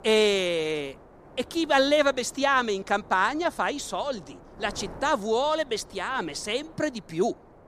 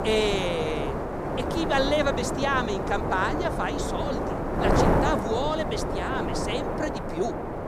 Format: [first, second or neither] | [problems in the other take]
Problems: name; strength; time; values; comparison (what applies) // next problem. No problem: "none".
first | wind noise on the microphone; heavy; 1 dB below the speech; occasional gusts in the first